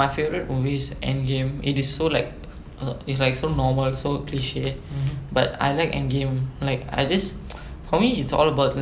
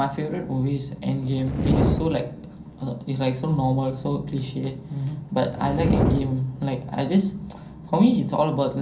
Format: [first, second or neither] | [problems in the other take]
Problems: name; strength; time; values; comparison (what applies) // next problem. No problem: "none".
first | background sound (Fire); 2 dB below the speech // room echo; dies away in 0.3 s